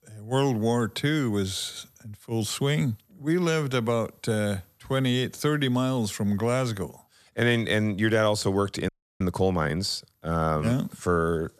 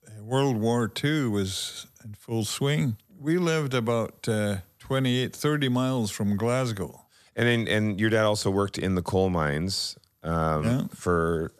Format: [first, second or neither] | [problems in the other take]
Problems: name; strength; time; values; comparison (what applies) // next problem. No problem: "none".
second | audio freezing; at 9 s